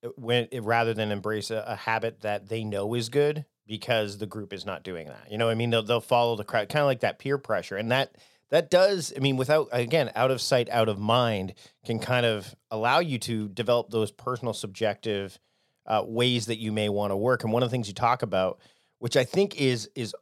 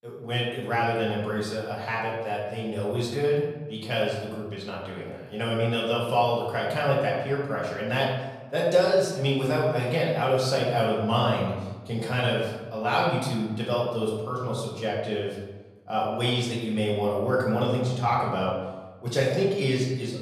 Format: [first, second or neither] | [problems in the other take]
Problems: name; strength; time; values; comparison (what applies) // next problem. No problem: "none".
first | room echo; noticeable; dies away in 1 s // off-mic speech; far